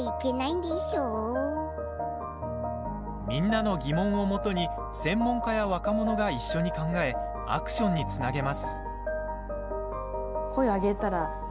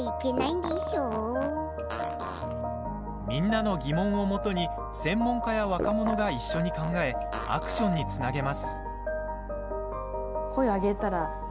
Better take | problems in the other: first | background sound (Fart); 10 dB below the speech

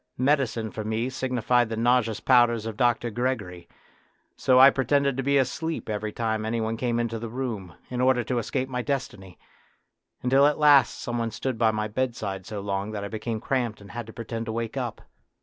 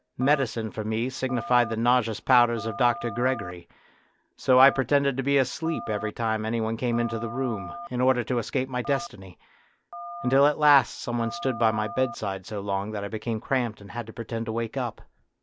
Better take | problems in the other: first | background sound (Telephone); 13 dB below the speech

